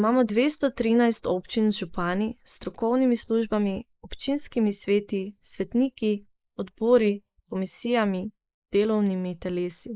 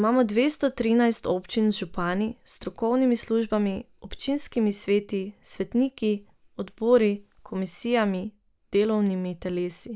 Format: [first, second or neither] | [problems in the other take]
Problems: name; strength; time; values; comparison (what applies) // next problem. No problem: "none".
second | noise reduction (neural mask model Resemble Enhance denoiser)